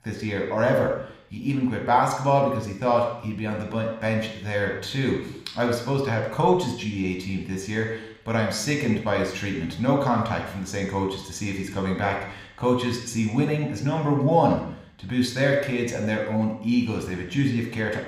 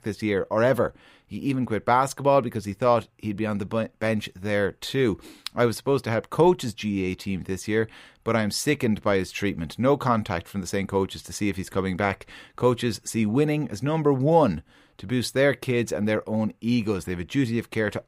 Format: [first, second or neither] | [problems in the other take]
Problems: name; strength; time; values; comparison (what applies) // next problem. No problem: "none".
second | room echo; noticeable; dies away in 0.8 s // off-mic speech; somewhat distant